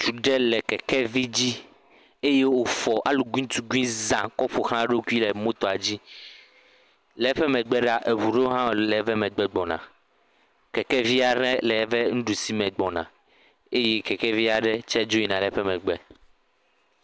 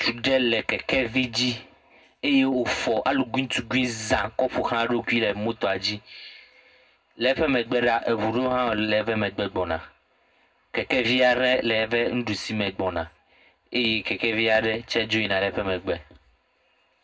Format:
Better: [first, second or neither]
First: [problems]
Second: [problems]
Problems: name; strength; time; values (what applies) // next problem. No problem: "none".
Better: first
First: none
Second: room echo; dies away in 0.3 s